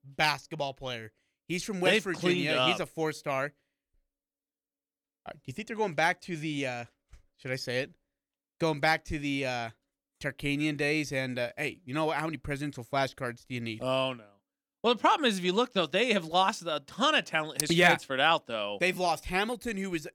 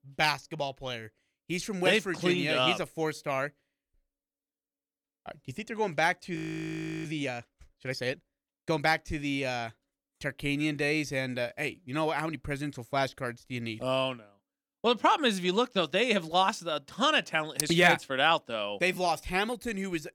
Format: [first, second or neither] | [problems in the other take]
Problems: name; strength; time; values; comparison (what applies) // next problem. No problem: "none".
first | audio freezing; at 6.5 s for 0.5 s